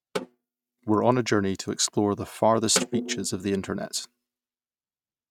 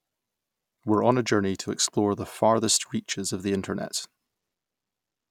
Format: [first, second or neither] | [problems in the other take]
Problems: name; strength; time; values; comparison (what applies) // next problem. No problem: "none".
second | noise reduction (neural mask model RNNoise)